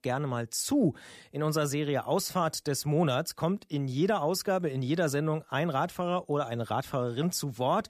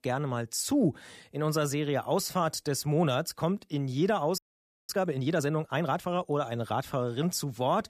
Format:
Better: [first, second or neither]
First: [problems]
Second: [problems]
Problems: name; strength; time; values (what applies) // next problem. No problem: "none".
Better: first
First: none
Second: audio freezing; at 4.5 s for 0.5 s